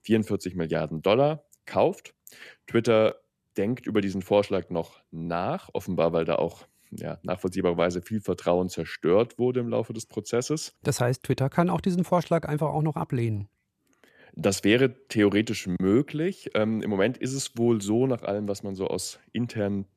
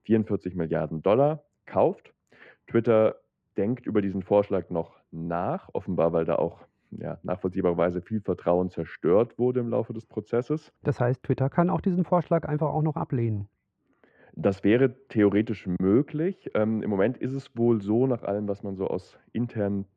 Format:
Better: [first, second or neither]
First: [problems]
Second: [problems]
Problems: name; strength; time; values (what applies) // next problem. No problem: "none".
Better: first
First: none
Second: muffled; very; fading above 1.5 kHz